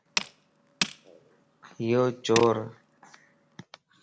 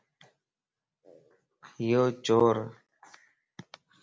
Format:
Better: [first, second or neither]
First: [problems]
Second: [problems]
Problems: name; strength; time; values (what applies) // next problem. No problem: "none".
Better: second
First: background sound (Tools); 7 dB below the speech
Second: none